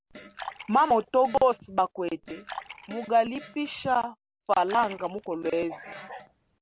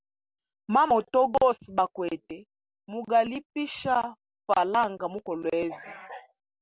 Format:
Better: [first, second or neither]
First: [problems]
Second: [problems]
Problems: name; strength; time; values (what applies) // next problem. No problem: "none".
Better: second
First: background sound (Fart + Fill (with liquid)); 18 dB below the speech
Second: none